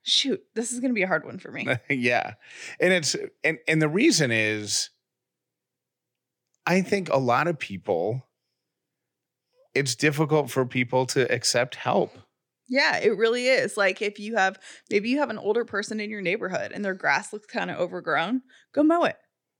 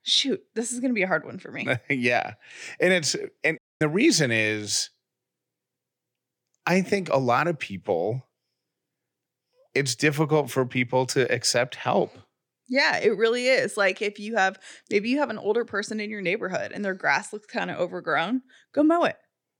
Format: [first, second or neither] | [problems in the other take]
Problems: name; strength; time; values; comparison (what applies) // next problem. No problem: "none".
first | audio cutting out; at 3.5 s